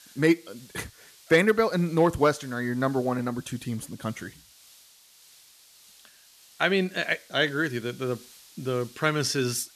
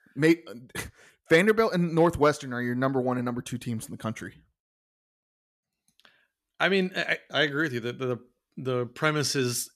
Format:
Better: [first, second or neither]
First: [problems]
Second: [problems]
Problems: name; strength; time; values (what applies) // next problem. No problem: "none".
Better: second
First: hiss; faint; throughout; 25 dB below the speech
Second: none